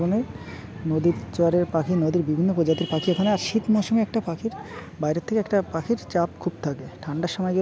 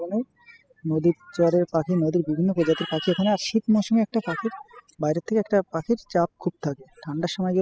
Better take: first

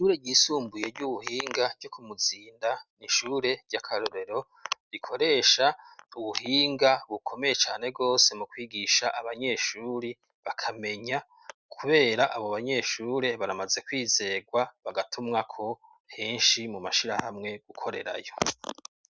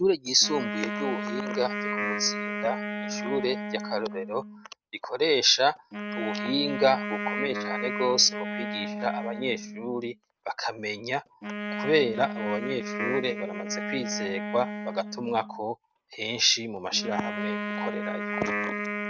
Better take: first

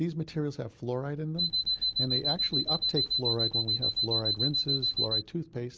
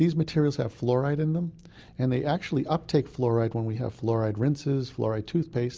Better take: second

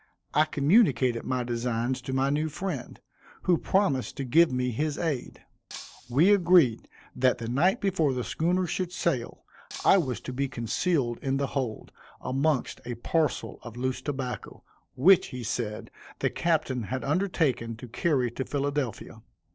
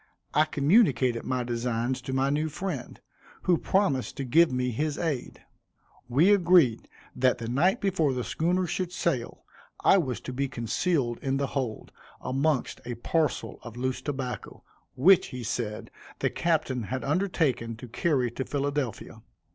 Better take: second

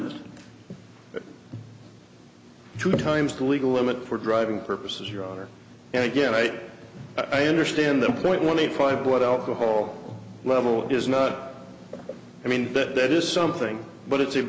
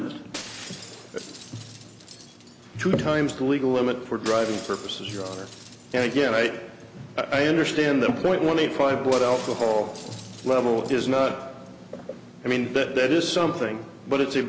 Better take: first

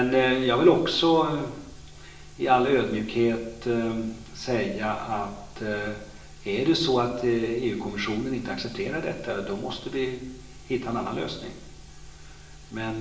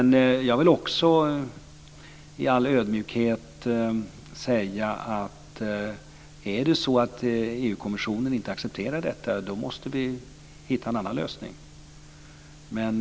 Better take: second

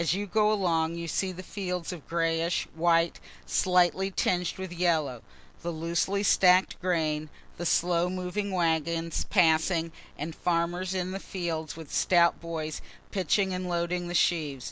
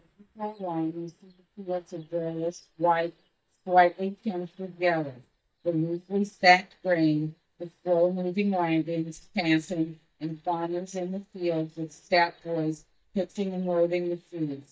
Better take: first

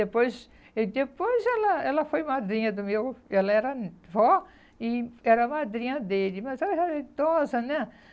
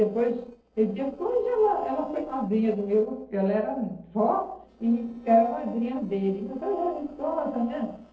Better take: first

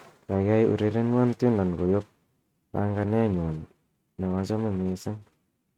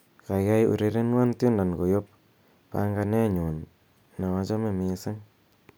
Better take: second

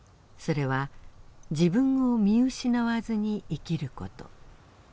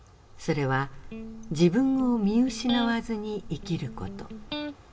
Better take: first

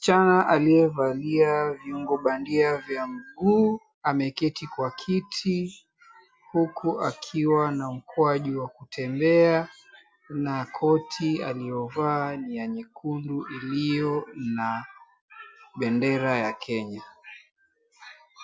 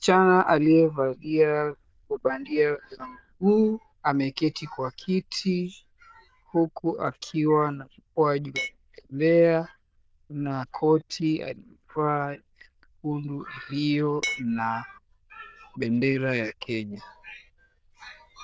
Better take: first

